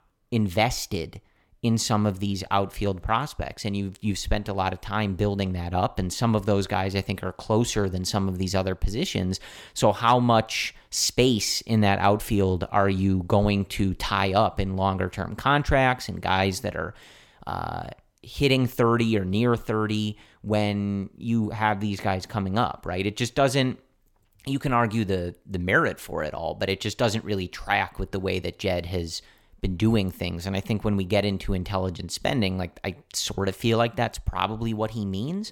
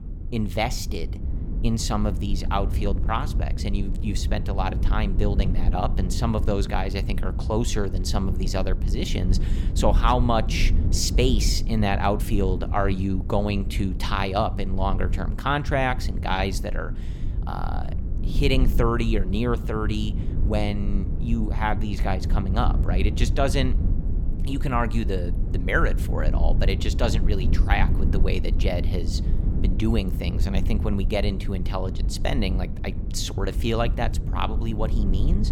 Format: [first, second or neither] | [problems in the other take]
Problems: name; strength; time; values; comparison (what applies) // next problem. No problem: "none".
first | low rumble; noticeable; throughout; 10 dB below the speech